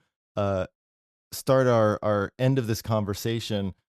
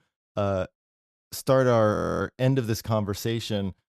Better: first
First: none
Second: audio freezing; at 2 s

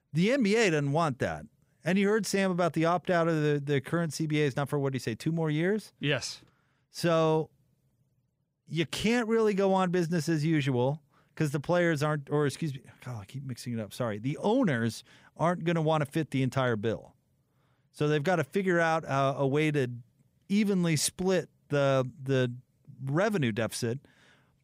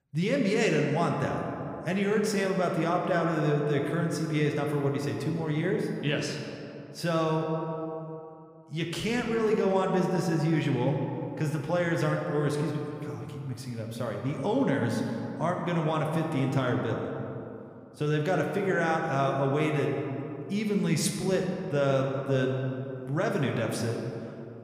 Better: first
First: none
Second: room echo; noticeable; dies away in 2.4 s

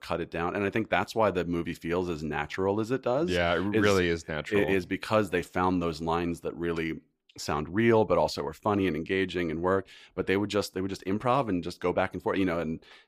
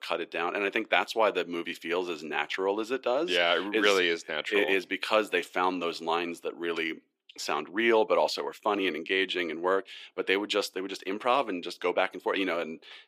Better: first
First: none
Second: thin; somewhat; fading below 300 Hz

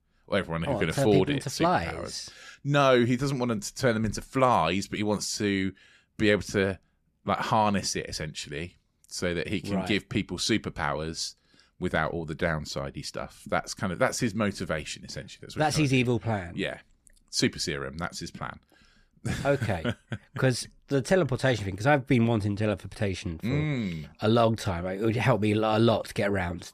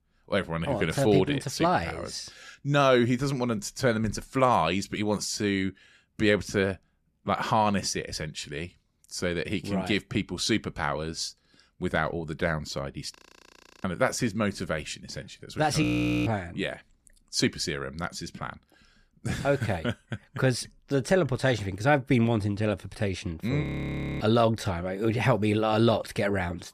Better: first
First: none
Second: audio freezing; at 13 s for 0.5 s, at 16 s and at 24 s for 0.5 s

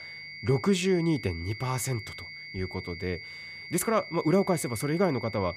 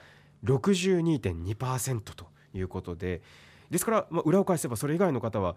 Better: second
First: high-pitched whine; noticeable; throughout; 2 kHz, 10 dB below the speech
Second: none

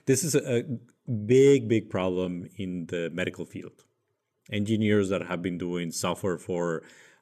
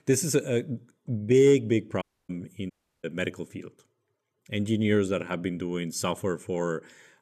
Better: first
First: none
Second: audio cutting out; at 2 s and at 2.5 s

